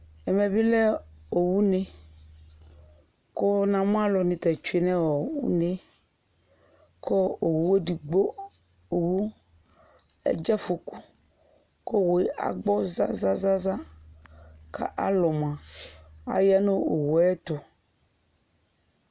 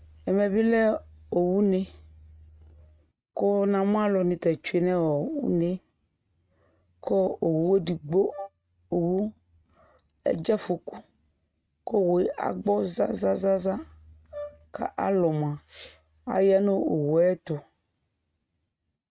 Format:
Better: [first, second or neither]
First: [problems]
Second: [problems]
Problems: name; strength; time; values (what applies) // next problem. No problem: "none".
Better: first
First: none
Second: noise reduction (neural mask model RNNoise)